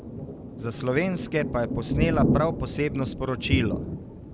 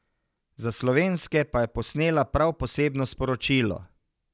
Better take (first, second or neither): second